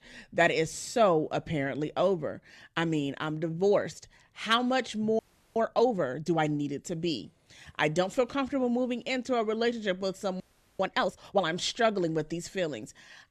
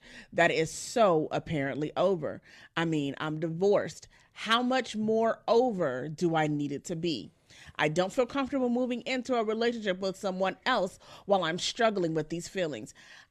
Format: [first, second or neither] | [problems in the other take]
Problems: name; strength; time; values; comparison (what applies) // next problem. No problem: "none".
second | audio freezing; at 5 s and at 10 s